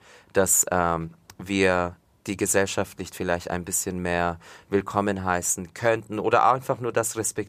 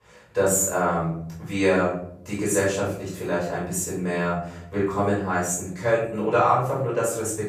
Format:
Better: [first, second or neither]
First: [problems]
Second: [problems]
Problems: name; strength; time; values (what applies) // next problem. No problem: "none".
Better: first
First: none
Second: off-mic speech; far // room echo; noticeable; dies away in 0.7 s